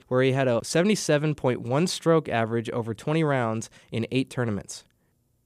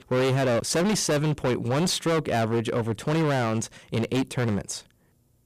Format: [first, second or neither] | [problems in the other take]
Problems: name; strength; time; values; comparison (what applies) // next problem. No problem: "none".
first | distortion; heavy; 22% of the sound clipped